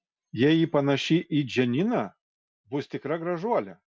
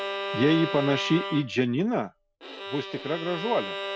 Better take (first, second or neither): first